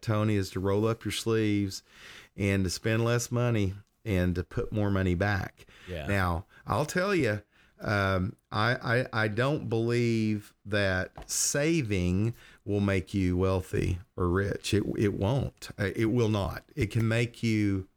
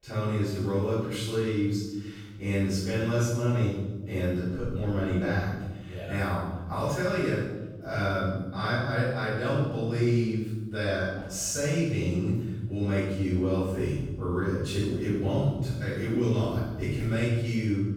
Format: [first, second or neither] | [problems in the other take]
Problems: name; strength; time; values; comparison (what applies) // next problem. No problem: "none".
first | off-mic speech; far // room echo; strong; dies away in 1.1 s